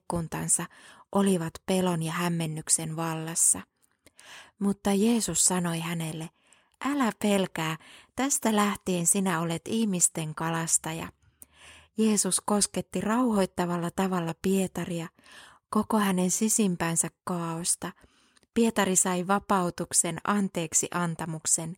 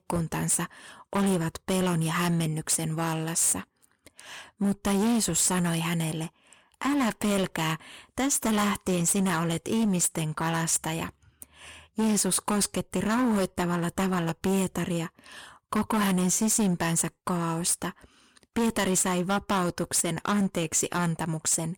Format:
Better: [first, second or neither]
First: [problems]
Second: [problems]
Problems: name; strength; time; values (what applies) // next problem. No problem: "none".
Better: first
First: none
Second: distortion; heavy; 13% of the sound clipped